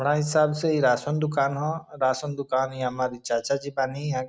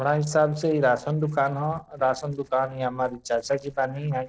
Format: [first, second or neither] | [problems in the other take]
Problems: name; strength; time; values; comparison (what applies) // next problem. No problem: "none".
first | noise reduction (neural separator model SepFormer DNS4)